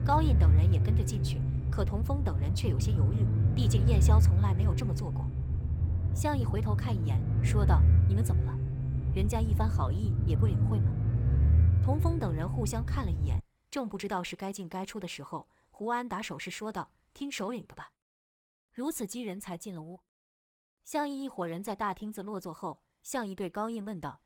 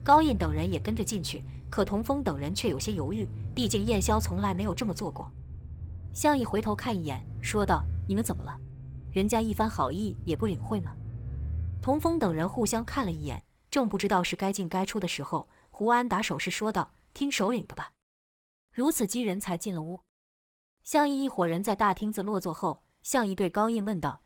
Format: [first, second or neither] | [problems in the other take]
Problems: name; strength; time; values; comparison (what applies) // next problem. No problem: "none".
second | low rumble; loud; until 13 s; 4 dB below the speech; faint in the second